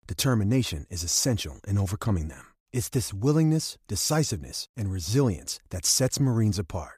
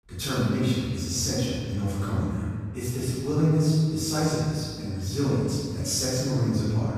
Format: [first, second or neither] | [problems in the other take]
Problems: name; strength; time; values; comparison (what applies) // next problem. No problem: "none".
first | off-mic speech; far // room echo; strong; dies away in 1.9 s